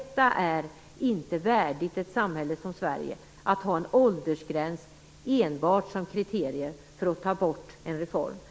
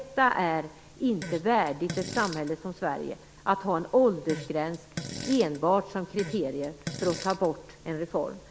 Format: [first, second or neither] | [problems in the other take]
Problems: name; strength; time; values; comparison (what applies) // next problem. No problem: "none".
first | background sound (Fart); 12 dB below the speech